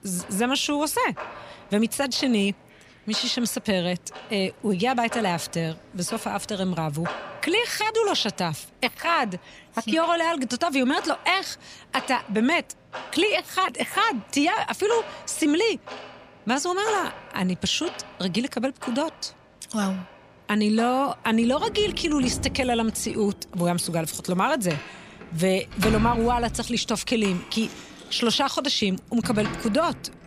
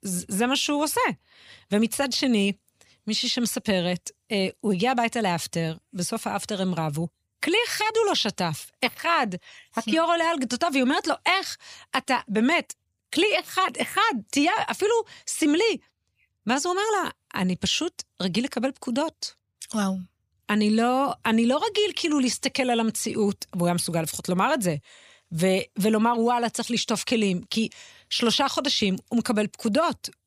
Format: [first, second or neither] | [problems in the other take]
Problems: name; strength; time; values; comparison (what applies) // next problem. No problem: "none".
second | household noises; noticeable; throughout; 15 dB below the speech